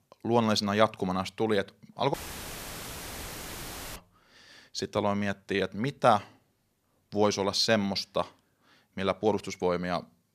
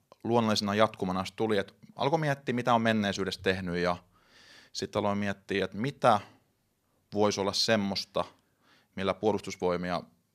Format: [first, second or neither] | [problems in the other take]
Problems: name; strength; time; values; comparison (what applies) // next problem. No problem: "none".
second | audio cutting out; filled with static; at 2 s for 2 s